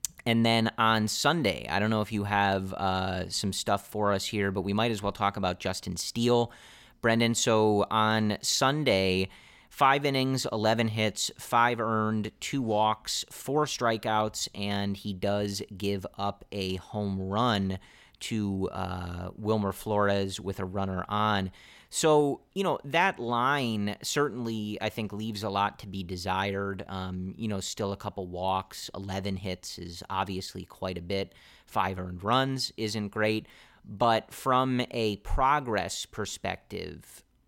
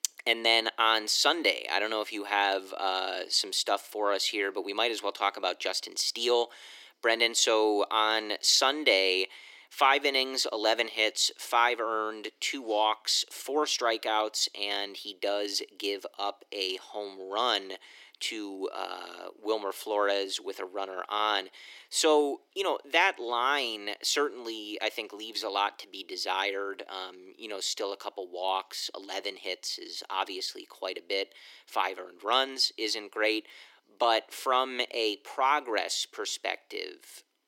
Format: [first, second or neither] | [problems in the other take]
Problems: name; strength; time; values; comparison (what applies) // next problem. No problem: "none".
first | thin; very; fading below 300 Hz